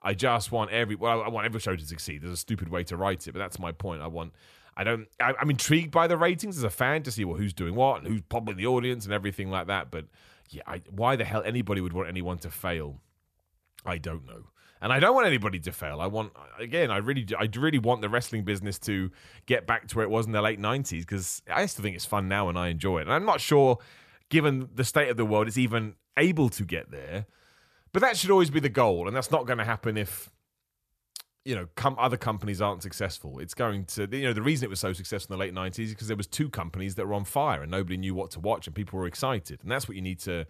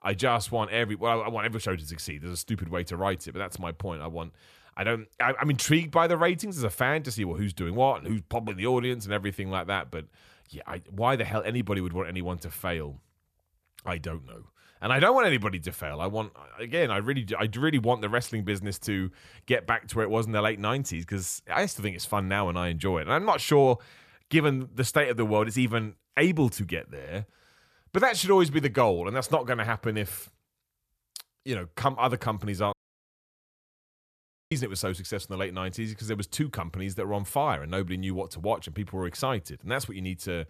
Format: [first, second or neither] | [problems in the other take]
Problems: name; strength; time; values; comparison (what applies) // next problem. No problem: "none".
first | audio cutting out; at 33 s for 2 s